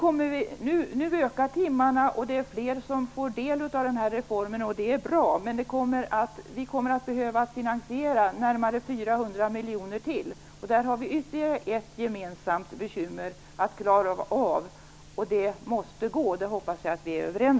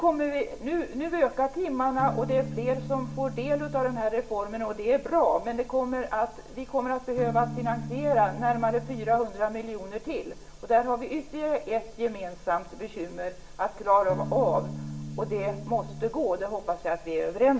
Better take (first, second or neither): first